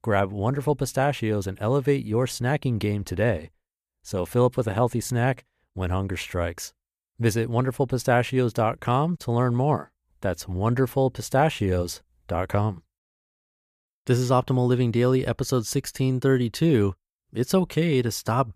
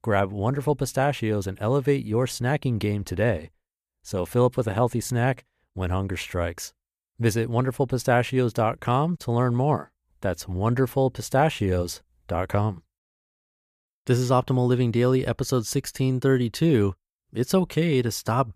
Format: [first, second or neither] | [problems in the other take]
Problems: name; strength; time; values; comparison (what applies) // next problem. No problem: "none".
neither | none